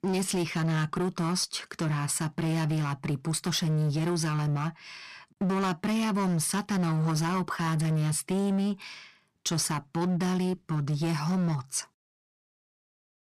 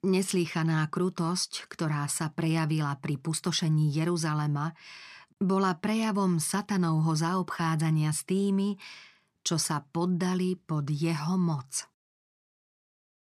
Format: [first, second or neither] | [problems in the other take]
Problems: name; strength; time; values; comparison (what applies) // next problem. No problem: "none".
second | distortion; slight; 19% of the sound clipped